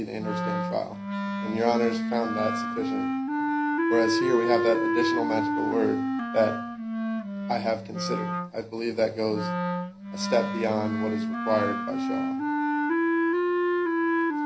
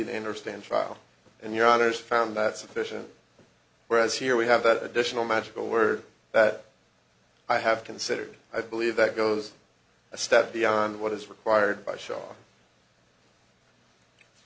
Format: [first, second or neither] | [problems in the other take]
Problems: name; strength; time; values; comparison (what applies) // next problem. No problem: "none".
second | background sound (Wind instrument, woodwind instrument); 2 dB above the speech // room echo; dies away in 0.4 s